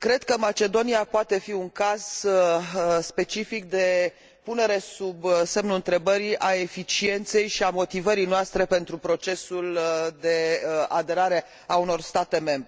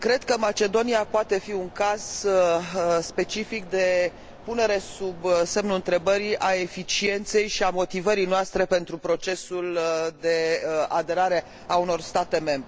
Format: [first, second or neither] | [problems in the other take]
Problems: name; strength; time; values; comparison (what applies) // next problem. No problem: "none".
first | background sound (Mechanisms); 19 dB below the speech